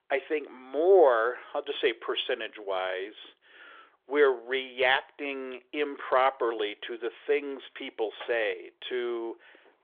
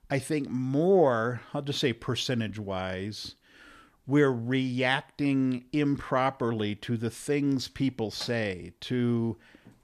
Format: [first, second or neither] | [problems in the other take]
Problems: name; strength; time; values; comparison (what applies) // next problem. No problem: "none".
second | phone-call audio; nothing above 3.5 kHz